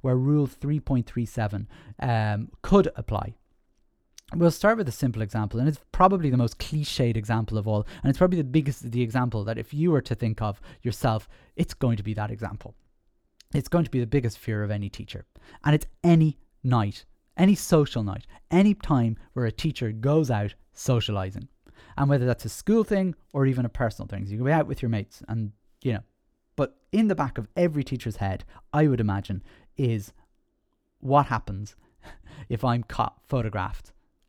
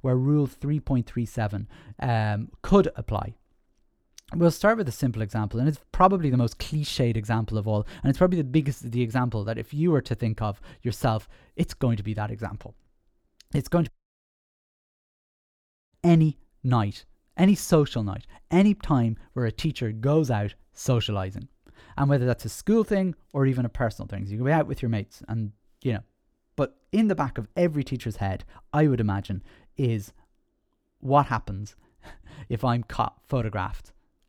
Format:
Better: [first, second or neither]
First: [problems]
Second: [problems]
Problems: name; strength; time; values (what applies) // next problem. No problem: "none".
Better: first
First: none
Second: audio cutting out; at 14 s for 2 s